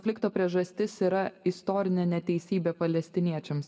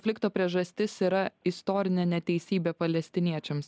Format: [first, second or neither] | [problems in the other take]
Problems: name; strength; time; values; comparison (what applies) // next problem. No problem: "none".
second | room echo; dies away in 0.4 s